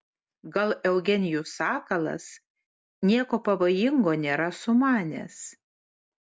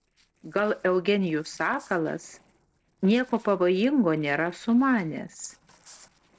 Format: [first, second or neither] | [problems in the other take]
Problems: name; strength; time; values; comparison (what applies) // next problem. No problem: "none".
first | noise reduction (neural separator model SepFormer DNS4)